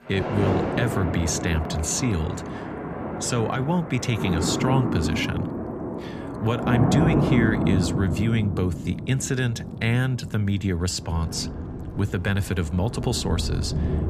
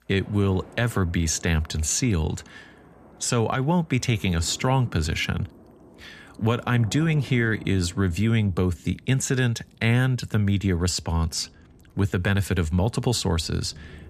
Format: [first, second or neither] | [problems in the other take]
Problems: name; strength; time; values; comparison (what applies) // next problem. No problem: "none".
second | rain or running water; loud; throughout; 2 dB below the speech; faint in the second